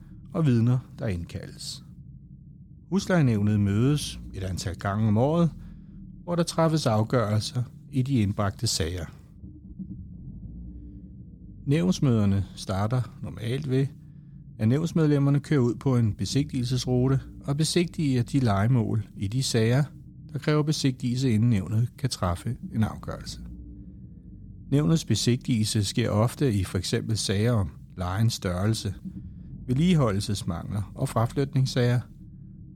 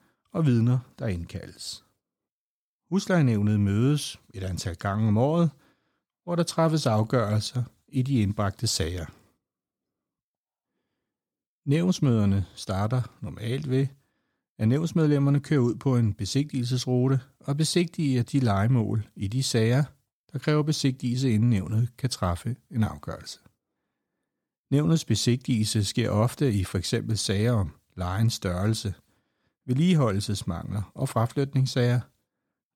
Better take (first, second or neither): second